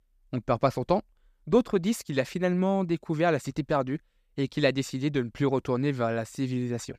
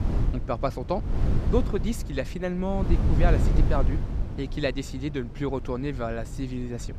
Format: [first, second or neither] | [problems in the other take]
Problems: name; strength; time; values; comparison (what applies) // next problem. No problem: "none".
first | wind noise on the microphone; heavy; 9 dB below the speech